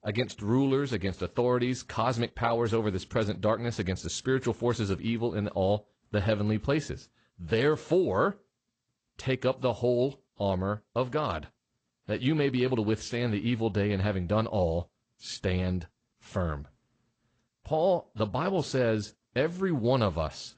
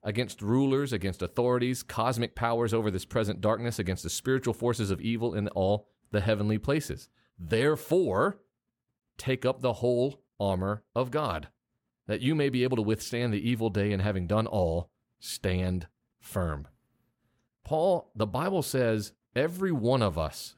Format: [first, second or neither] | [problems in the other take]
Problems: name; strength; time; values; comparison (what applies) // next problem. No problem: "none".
second | garbled, watery; slightly; nothing above 8 kHz